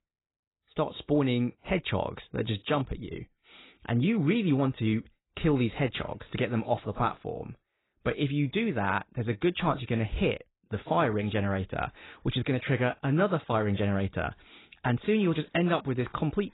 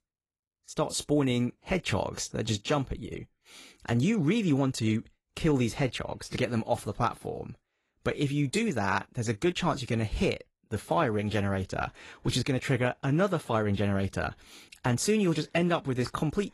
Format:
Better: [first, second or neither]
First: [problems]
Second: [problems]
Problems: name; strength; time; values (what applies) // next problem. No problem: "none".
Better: second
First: garbled, watery; badly; nothing above 4 kHz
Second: garbled, watery; slightly; nothing above 11.5 kHz